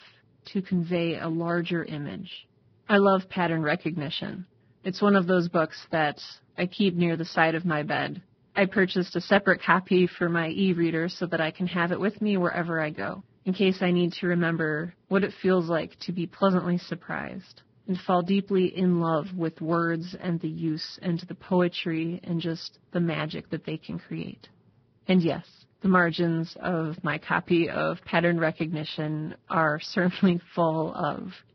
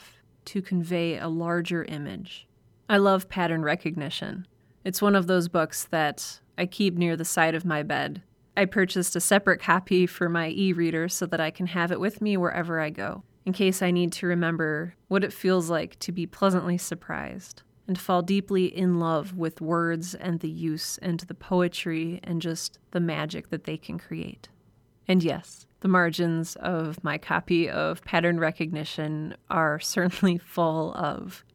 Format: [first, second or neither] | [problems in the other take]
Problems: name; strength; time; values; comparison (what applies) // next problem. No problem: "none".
second | garbled, watery; badly; nothing above 5.5 kHz